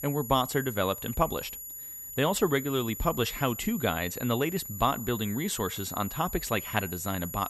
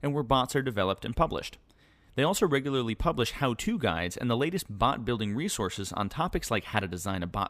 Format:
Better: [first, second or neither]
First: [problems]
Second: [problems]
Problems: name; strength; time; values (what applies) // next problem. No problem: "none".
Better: second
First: high-pitched whine; loud; throughout; 11.5 kHz, 8 dB below the speech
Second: none